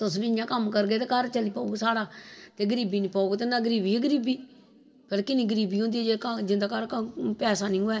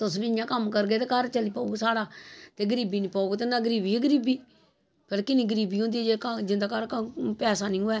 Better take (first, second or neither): second